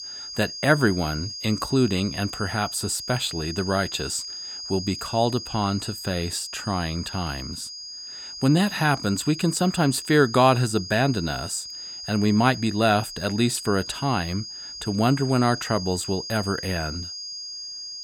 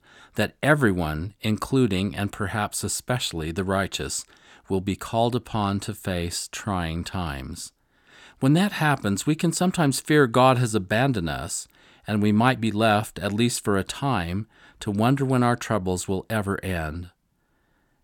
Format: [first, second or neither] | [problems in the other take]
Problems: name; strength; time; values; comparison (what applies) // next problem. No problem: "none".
second | high-pitched whine; loud; throughout; 5 kHz, 9 dB below the speech